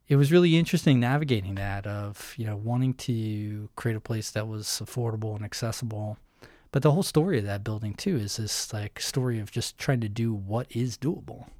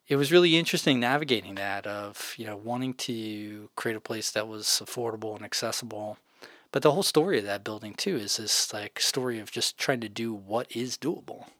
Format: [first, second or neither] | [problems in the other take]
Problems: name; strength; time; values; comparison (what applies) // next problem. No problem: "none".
first | thin; somewhat; fading below 350 Hz